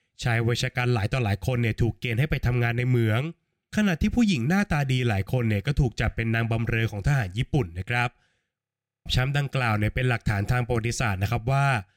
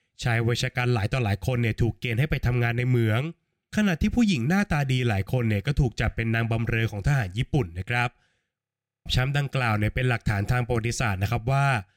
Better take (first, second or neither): neither